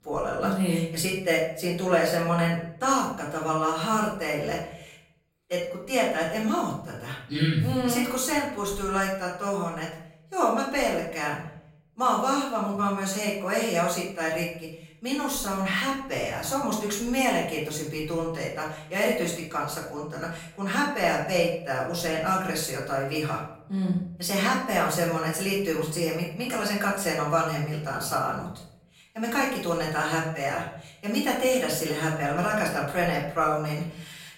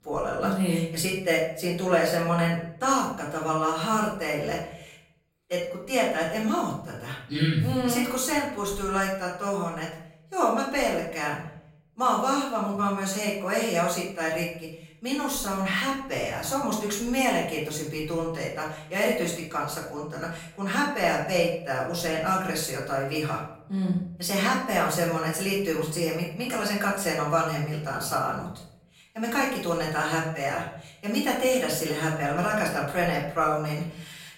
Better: neither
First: off-mic speech; far // room echo; noticeable; dies away in 0.6 s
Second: off-mic speech; far // room echo; noticeable; dies away in 0.6 s

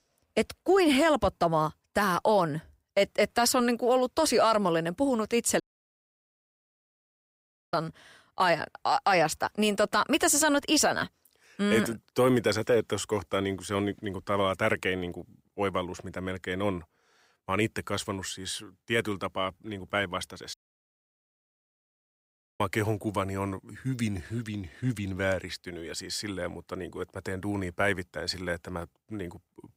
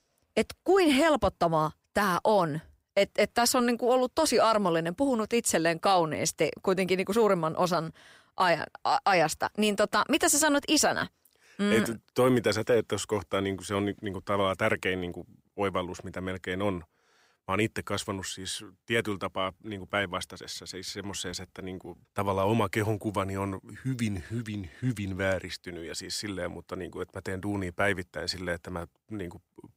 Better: second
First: audio cutting out; at 5.5 s for 2 s and at 21 s for 2 s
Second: none

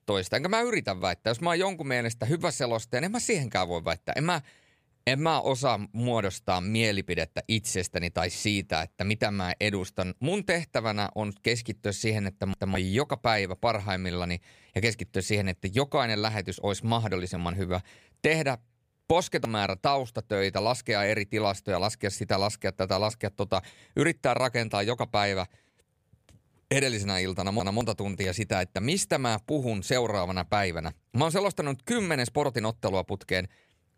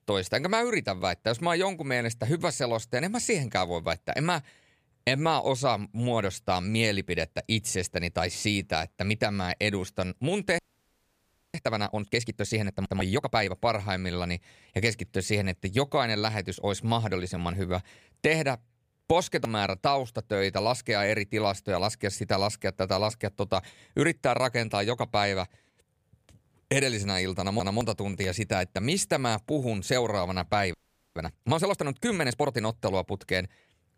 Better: first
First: none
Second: audio freezing; at 11 s for 1 s and at 31 s

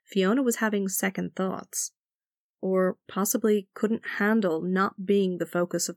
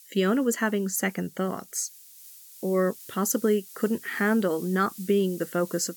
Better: first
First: none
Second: hiss; noticeable; throughout; 20 dB below the speech

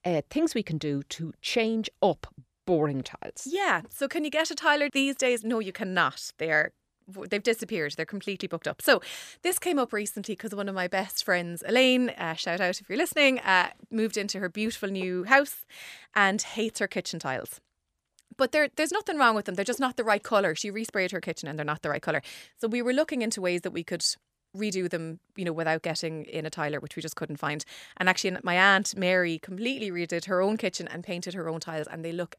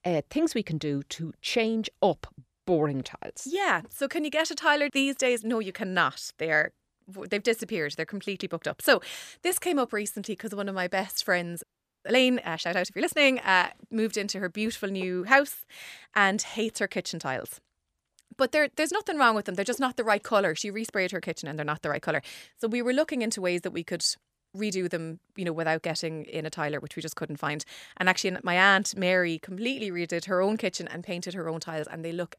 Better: first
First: none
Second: audio freezing; at 12 s

